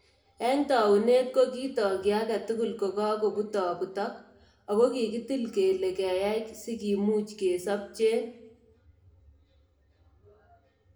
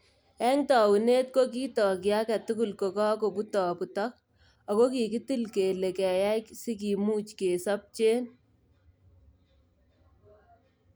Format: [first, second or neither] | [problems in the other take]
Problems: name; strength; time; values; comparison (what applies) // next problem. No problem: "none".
second | room echo; dies away in 0.6 s